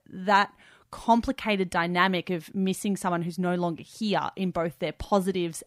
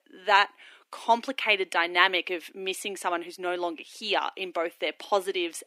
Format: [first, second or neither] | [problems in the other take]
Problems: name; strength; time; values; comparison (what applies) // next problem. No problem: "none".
first | thin; very; fading below 300 Hz